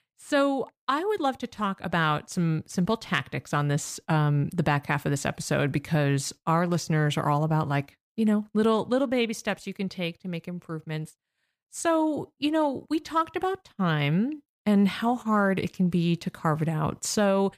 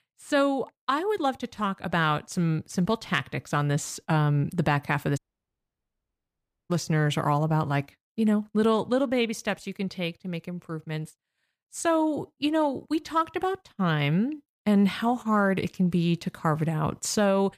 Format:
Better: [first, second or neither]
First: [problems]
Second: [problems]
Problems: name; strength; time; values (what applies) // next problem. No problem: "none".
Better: first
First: none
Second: audio cutting out; at 5 s for 1.5 s